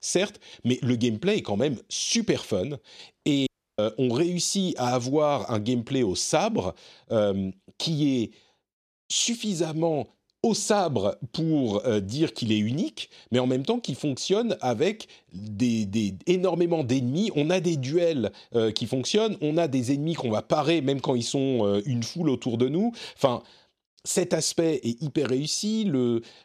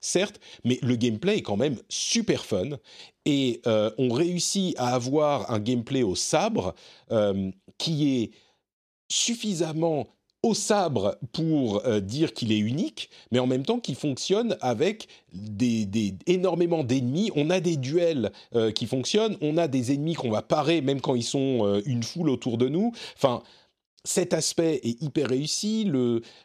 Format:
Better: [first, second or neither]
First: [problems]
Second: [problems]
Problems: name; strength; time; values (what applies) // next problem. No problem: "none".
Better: second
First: audio cutting out; at 3.5 s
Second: none